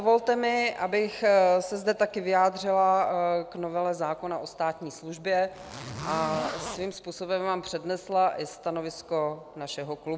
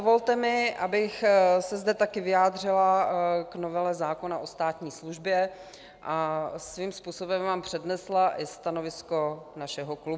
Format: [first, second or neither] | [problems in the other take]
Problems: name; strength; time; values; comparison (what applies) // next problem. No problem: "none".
second | background sound (Zipper (clothing)); 10 dB below the speech